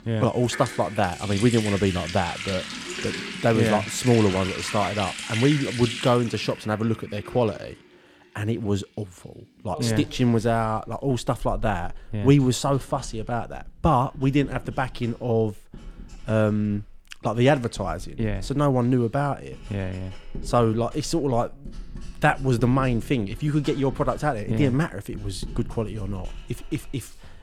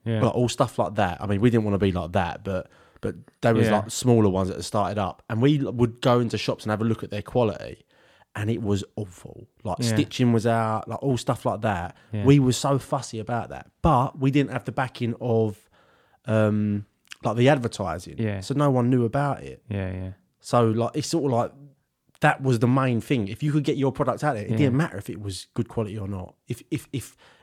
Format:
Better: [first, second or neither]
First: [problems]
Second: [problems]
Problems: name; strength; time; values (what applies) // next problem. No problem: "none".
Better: second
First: household noises; noticeable; throughout; 10 dB below the speech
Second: none